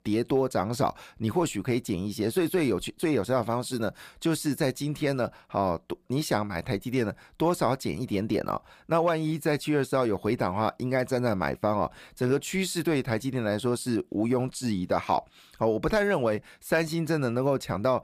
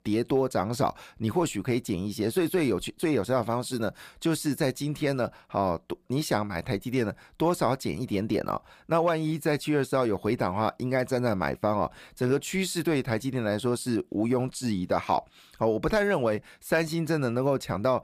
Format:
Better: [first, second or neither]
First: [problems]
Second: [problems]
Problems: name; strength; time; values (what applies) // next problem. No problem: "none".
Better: neither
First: none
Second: none